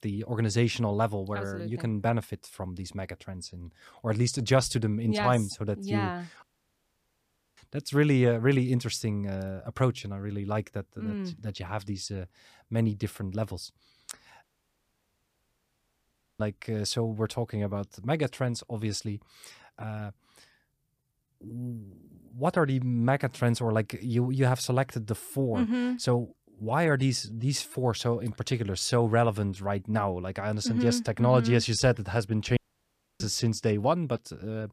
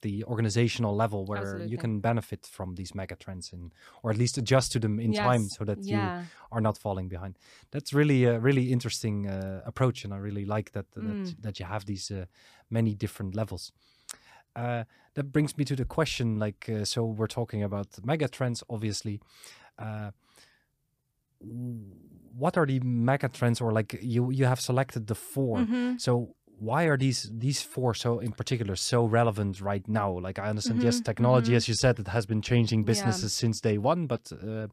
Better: second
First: audio cutting out; at 6.5 s for 1 s, at 14 s for 2 s and at 33 s for 0.5 s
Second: none

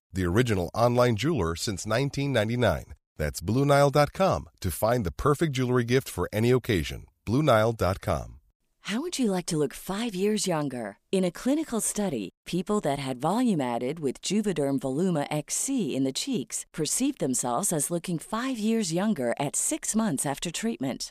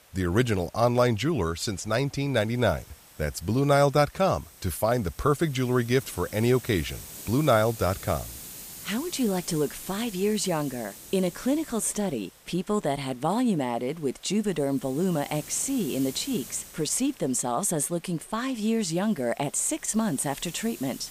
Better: first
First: none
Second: hiss; noticeable; throughout; 15 dB below the speech

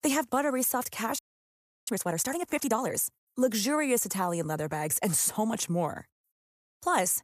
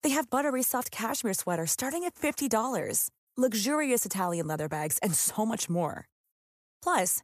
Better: second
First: audio freezing; at 1 s for 0.5 s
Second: none

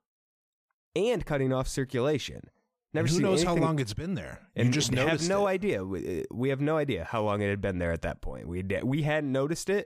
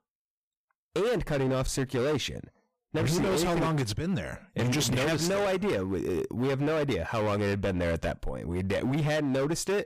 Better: first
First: none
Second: distortion; heavy; 23% of the sound clipped

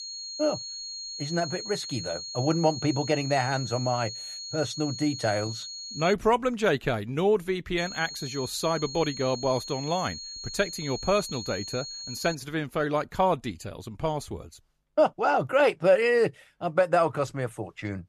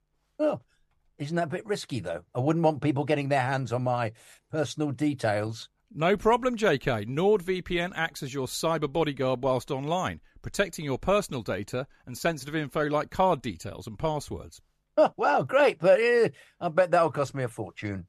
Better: second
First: high-pitched whine; loud; until 6 s and from 8 to 12 s; 4.5 kHz, 9 dB below the speech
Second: none

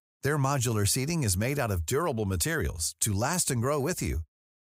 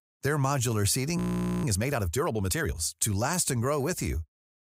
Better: first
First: none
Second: audio freezing; at 1 s

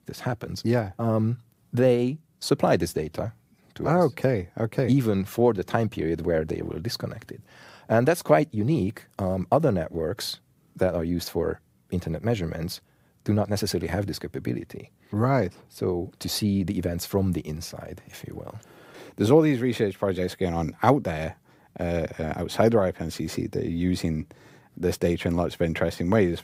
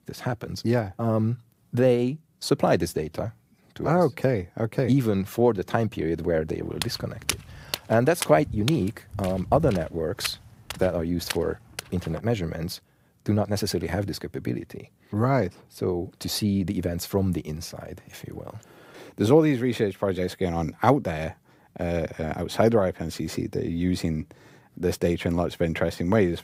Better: first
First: none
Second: footsteps; noticeable; from 7 to 12 s; peak 4 dB below the speech

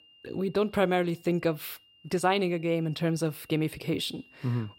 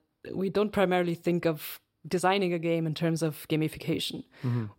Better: second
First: high-pitched whine; faint; throughout; 3 kHz, 30 dB below the speech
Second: none

